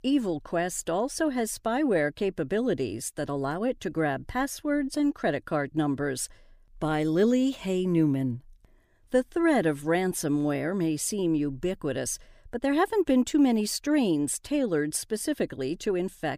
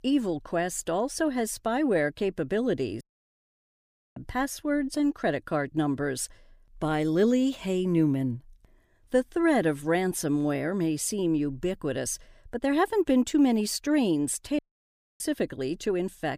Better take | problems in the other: first | audio cutting out; at 3 s for 1 s and at 15 s for 0.5 s

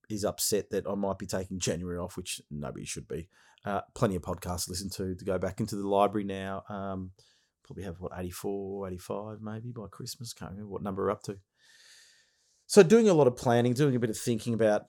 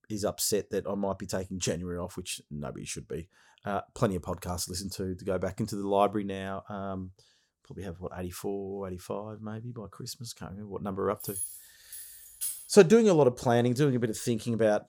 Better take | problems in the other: first | jangling keys; noticeable; from 11 to 13 s; peak 5 dB below the speech

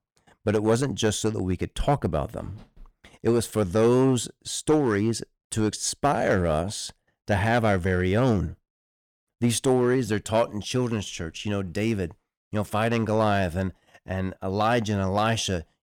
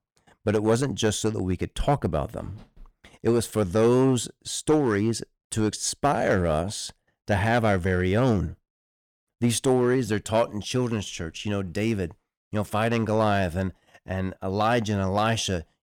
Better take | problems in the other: neither | distortion; slight; 3% of the sound clipped; the same in both

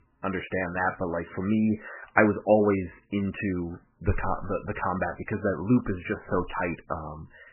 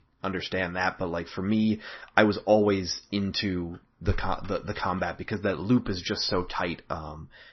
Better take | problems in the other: second | garbled, watery; badly; nothing above 2.5 kHz; slightly in the second

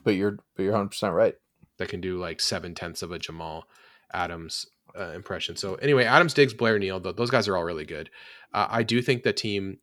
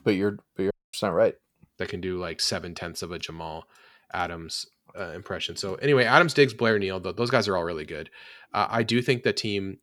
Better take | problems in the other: first | audio cutting out; at 0.5 s

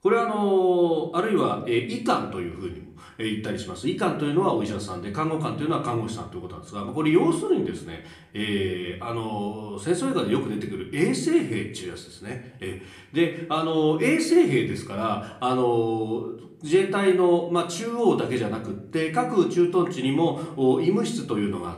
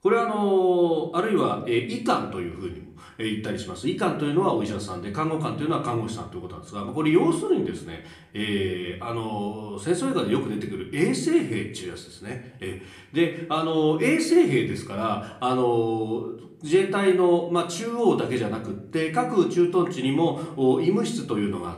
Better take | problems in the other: neither | room echo; slight; dies away in 0.6 s; the same in both // off-mic speech; somewhat distant; the same in both

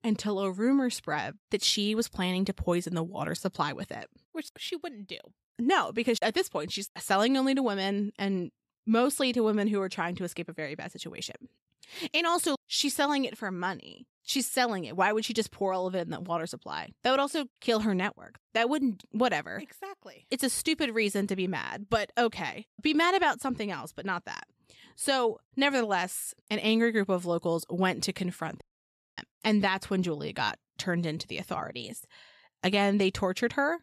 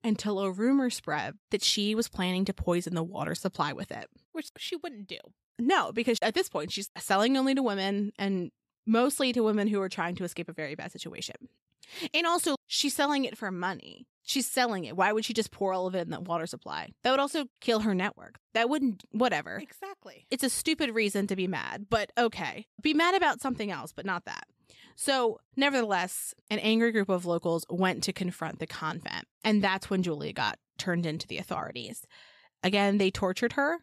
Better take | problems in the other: second | audio cutting out; at 29 s for 0.5 s

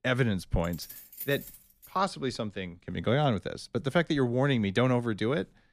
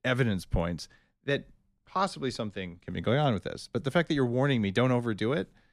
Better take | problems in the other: second | jangling keys; faint; from 0.5 to 2 s; peak 10 dB below the speech

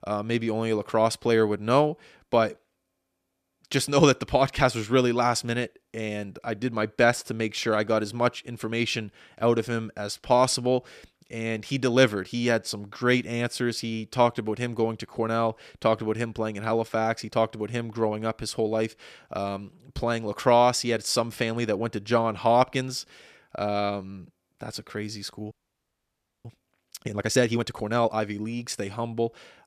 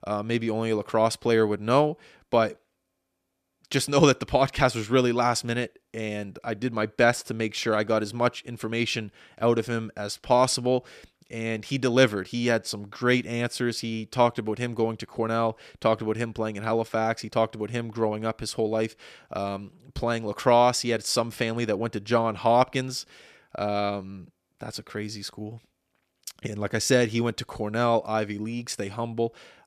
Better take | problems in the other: second | audio freezing; at 26 s for 1 s

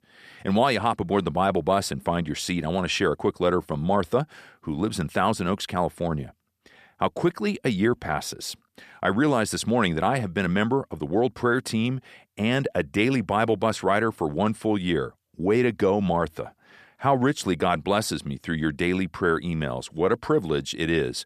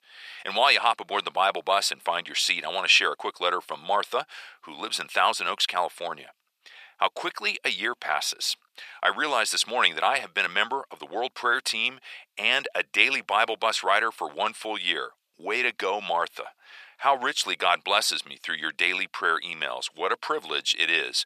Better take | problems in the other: first | thin; very; fading below 900 Hz

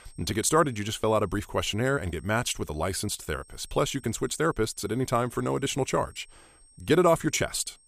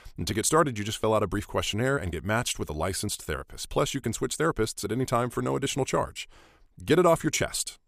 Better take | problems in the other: second | high-pitched whine; faint; throughout; 8.5 kHz, 30 dB below the speech

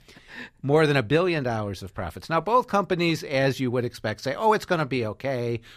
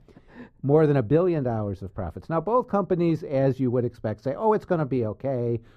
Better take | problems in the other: first | muffled; very; fading above 1 kHz

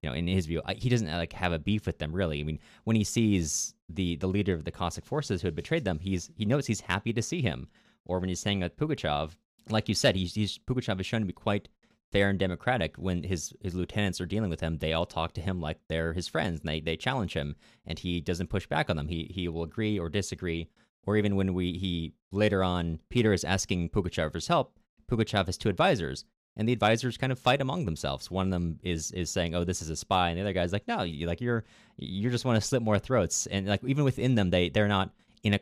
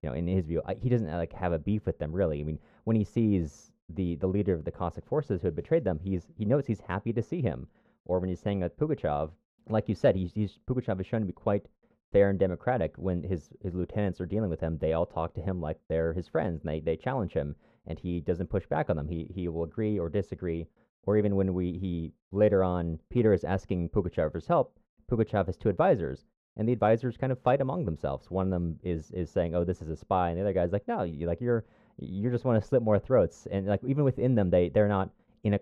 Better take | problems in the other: first | muffled; very; fading above 2.5 kHz

